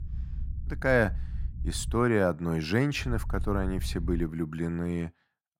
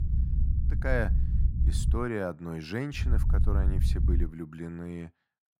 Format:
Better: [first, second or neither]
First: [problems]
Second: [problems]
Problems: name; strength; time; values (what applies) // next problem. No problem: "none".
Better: first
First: low rumble; faint; until 2 s and from 3 to 4.5 s; 25 dB below the speech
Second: low rumble; loud; until 2 s and from 3 to 4.5 s; 9 dB below the speech